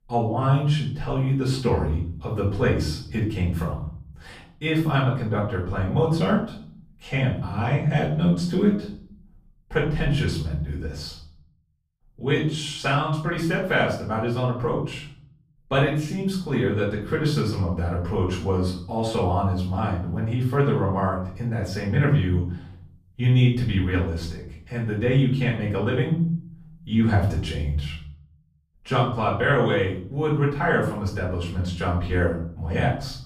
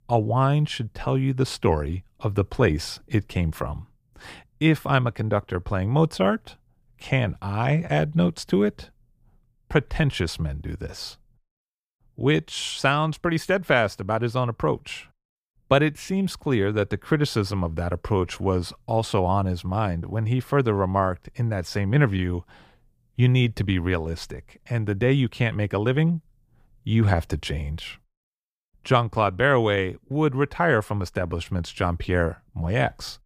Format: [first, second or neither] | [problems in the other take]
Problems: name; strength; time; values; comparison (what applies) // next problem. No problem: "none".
second | off-mic speech; far // room echo; noticeable; dies away in 0.5 s